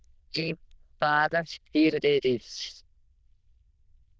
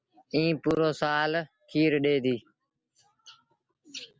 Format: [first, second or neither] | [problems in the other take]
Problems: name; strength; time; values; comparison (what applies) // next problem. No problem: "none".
second | noise reduction (neural diffusion model UNIVERSE++)